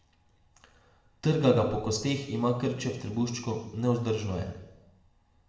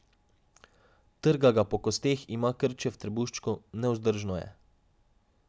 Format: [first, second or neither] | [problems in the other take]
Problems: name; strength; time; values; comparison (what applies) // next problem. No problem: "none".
second | room echo; dies away in 0.9 s